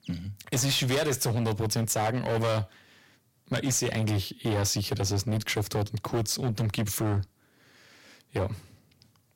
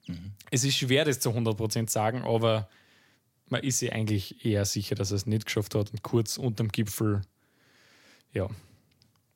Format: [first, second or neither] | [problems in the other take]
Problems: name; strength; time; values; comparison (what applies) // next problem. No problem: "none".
second | distortion; heavy; 13% of the sound clipped